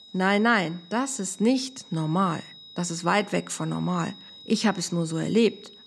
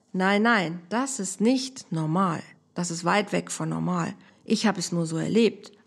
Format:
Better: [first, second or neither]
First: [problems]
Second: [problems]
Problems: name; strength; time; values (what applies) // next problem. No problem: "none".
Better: second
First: high-pitched whine; faint; throughout; 4 kHz, 20 dB below the speech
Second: none